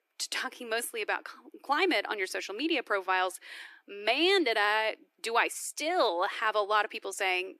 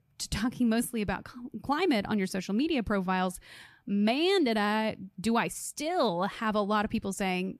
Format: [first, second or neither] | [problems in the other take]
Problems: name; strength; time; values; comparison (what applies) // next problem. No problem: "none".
second | thin; very; fading below 300 Hz